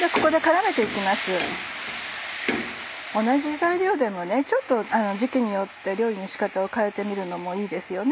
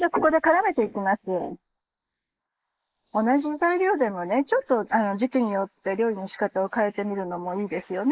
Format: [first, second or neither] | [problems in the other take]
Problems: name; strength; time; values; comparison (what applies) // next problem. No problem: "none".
first | noise reduction (neural mask model Resemble Enhance denoiser)